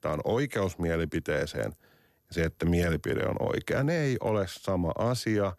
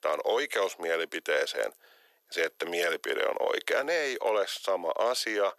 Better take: first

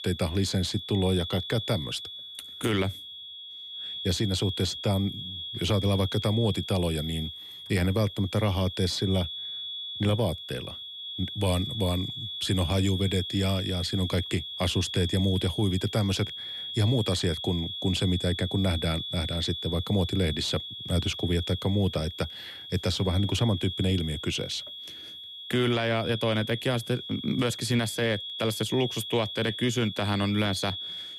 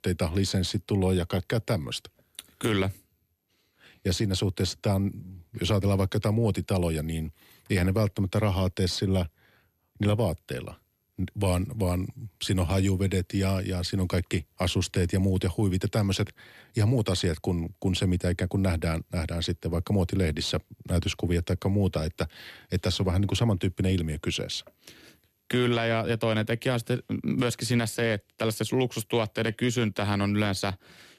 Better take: second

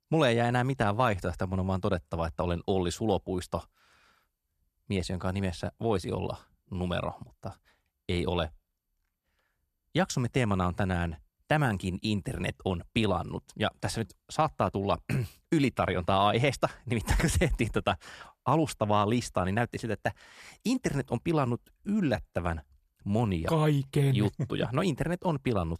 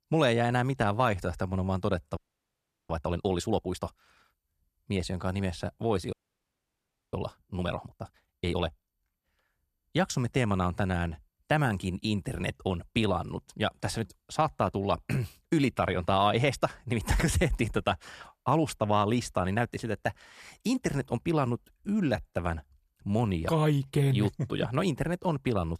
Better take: first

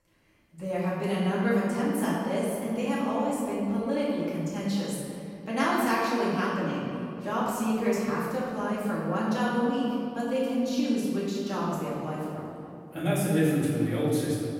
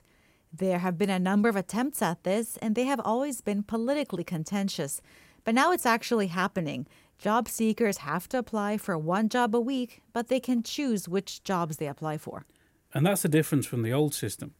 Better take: second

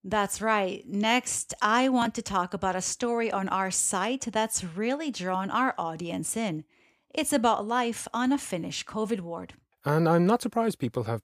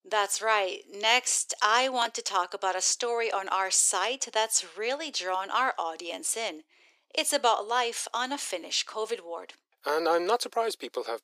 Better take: first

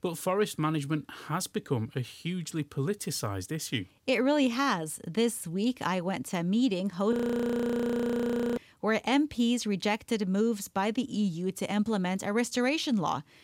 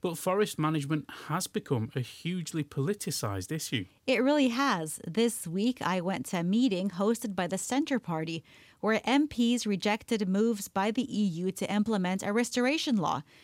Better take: second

